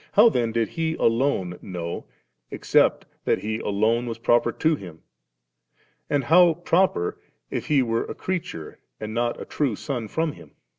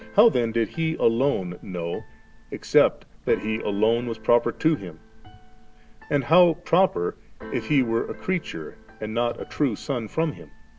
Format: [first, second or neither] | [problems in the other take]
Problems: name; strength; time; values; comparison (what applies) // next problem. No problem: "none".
first | background sound (Keyboard (musical)); 19 dB below the speech